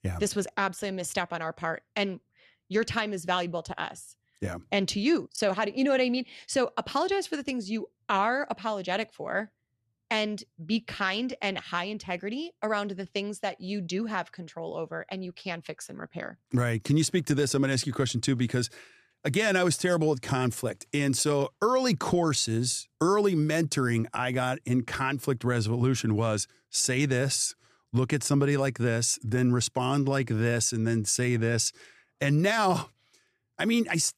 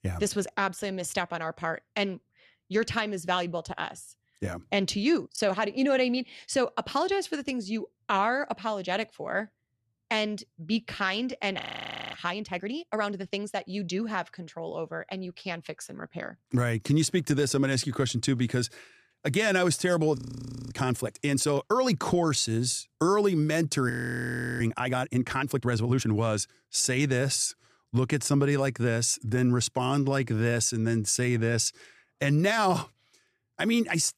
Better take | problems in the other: first | audio freezing; at 12 s for 0.5 s, at 20 s for 0.5 s and at 24 s for 0.5 s

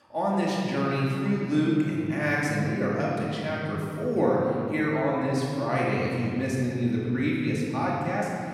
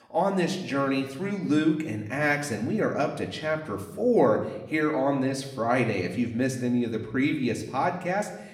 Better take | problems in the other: second | room echo; strong; dies away in 2.5 s; slight in the second // off-mic speech; far; somewhat distant in the second

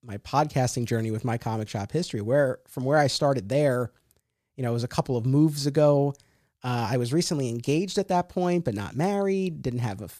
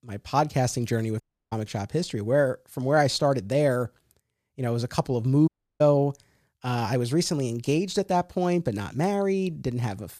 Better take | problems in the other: first | audio cutting out; at 1 s and at 5.5 s

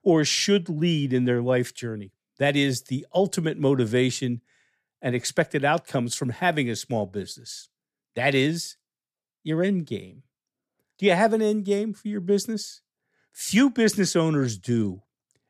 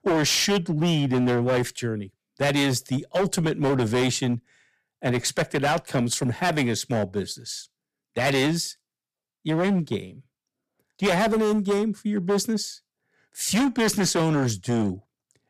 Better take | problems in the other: first | distortion; heavy; 15% of the sound clipped

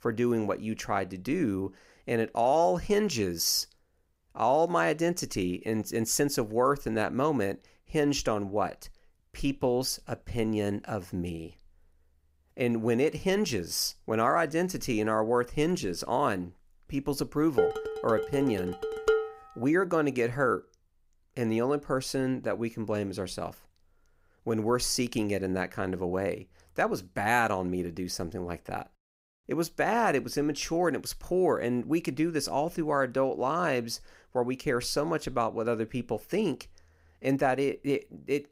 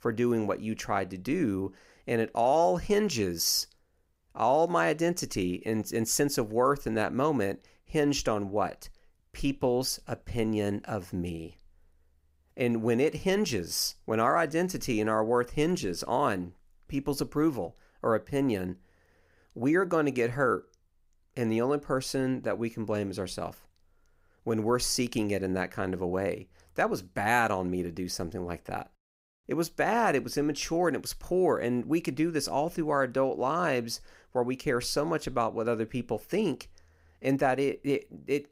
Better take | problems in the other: second | clattering dishes; loud; from 18 to 19 s; peak 2 dB above the speech

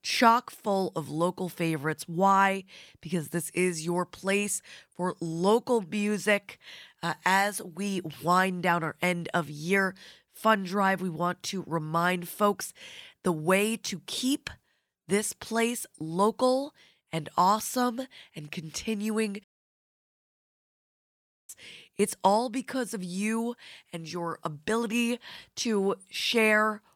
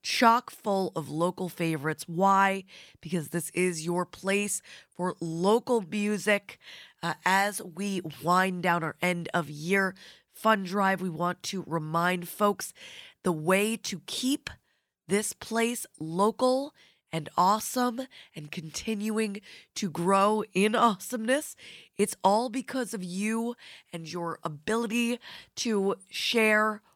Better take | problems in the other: second | audio cutting out; at 19 s for 2 s

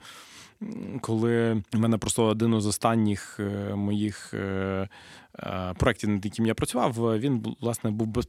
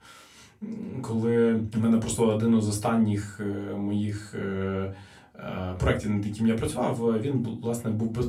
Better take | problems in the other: first | off-mic speech; far // room echo; very slight; dies away in 0.2 s

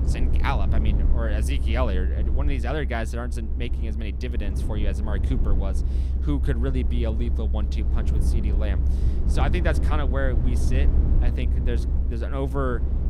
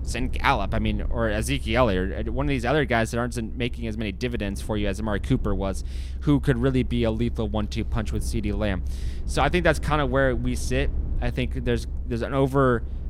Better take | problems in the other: second | low rumble; loud; throughout; 8 dB below the speech; faint in the second

